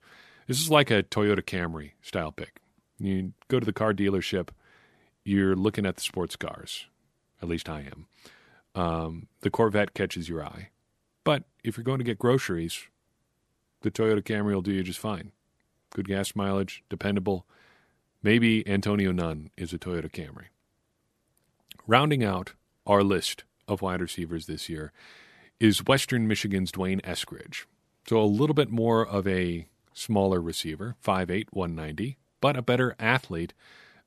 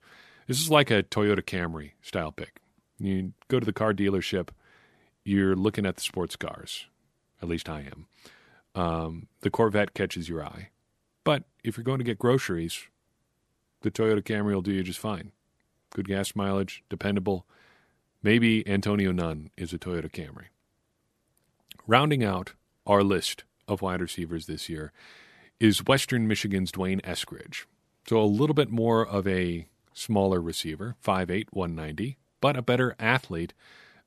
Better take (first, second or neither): neither